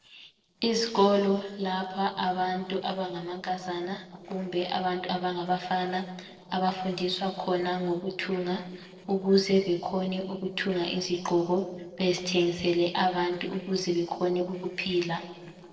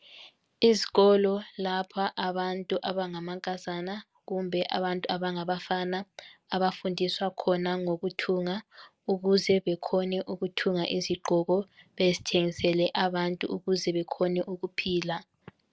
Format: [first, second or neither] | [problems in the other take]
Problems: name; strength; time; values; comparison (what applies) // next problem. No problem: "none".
second | noise reduction (neural separator model SepFormer DNS4)